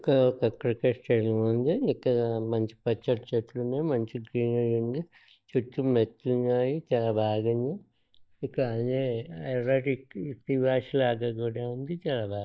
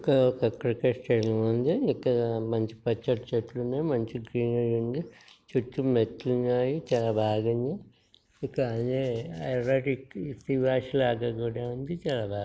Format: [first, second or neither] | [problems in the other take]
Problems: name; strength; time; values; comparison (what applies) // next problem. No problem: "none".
second | noise reduction (neural mask model DeepFilterNet 3)